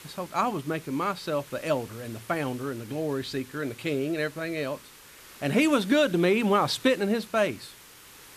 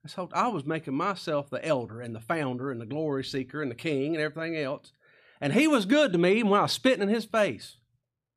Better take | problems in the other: second | hiss; noticeable; throughout; 20 dB below the speech

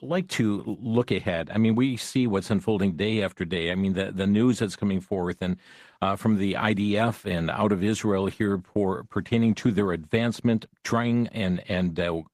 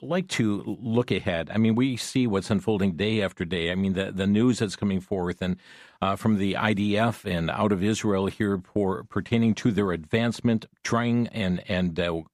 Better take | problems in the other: second | garbled, watery; slightly

